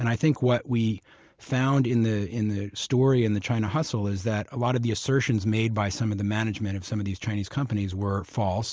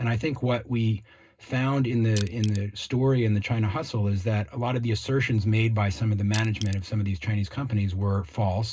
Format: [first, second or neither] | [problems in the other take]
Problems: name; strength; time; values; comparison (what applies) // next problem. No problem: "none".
first | background sound (Crushing); 17 dB below the speech // room echo; dies away in 0.2 s